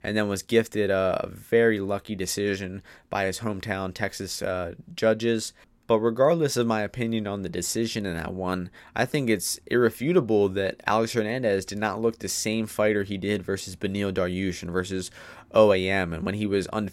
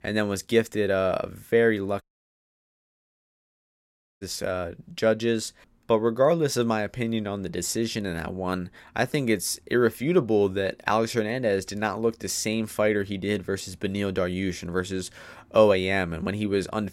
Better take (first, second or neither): first